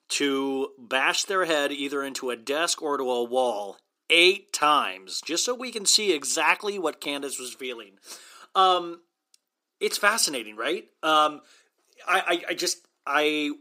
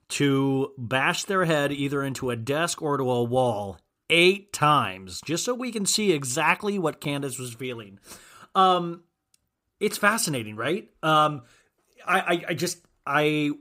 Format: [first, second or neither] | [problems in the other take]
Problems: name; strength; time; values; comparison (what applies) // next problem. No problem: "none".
second | thin; very slightly; fading below 300 Hz